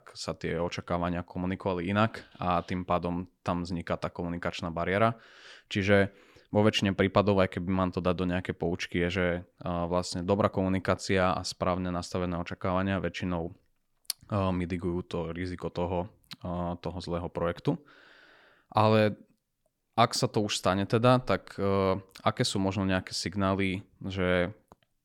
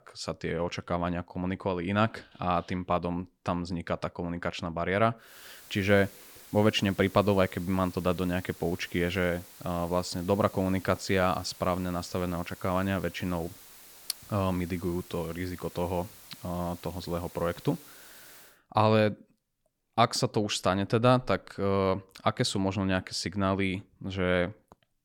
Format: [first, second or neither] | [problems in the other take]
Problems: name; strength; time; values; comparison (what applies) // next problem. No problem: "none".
first | hiss; noticeable; from 5.5 to 18 s; 20 dB below the speech